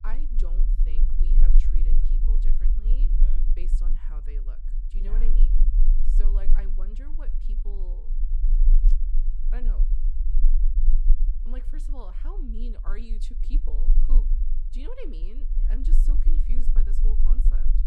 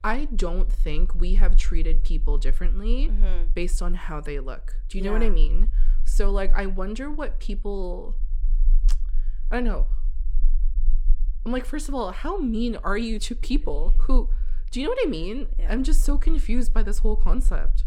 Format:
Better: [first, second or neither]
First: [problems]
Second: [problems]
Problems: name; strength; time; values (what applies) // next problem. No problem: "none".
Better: second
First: low rumble; loud; throughout; 4 dB below the speech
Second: low rumble; faint; throughout; 25 dB below the speech